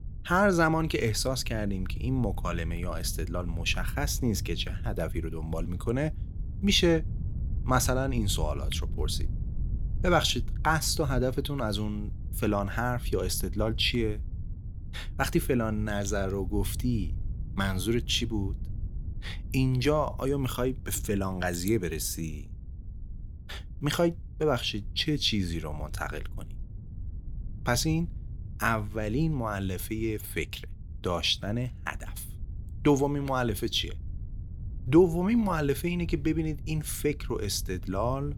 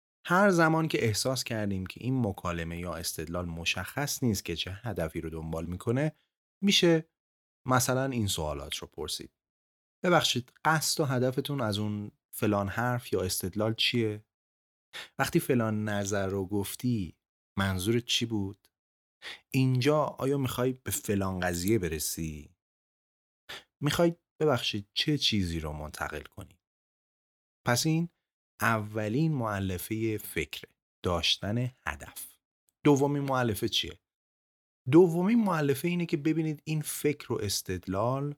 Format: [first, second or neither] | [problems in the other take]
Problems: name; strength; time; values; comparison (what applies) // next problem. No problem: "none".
second | wind noise on the microphone; occasional gusts; 25 dB below the speech